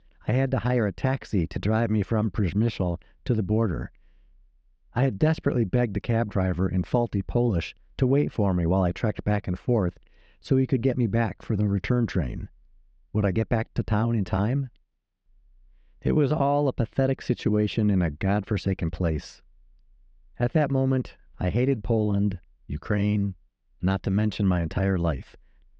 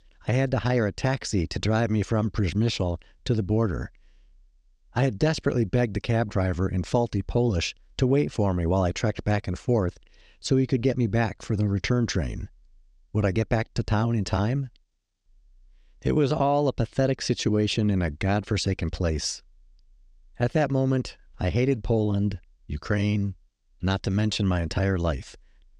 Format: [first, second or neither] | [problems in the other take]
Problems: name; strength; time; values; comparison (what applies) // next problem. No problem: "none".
second | muffled; slightly; fading above 2.5 kHz